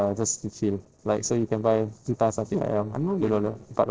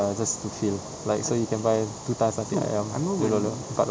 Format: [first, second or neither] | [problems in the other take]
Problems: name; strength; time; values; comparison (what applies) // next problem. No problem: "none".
second | noise reduction (neural separator model SepFormer DNS4)